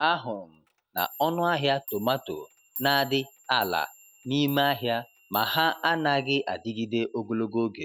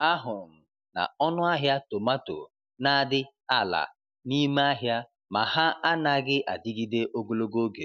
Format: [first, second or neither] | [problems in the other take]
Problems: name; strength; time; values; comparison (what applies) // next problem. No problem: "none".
second | background sound (Clock); 18 dB below the speech